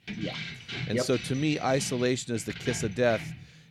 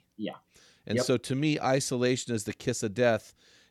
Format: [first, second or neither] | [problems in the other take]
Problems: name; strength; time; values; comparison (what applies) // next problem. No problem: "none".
second | jangling keys; noticeable; peak 6 dB below the speech